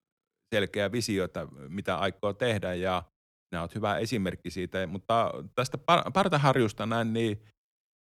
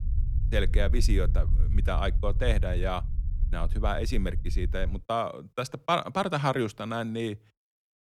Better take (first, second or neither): first